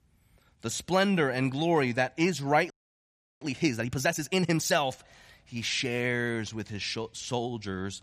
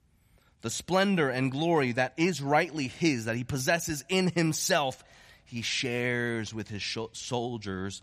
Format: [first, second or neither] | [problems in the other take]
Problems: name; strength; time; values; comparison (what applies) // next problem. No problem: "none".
second | audio freezing; at 2.5 s for 0.5 s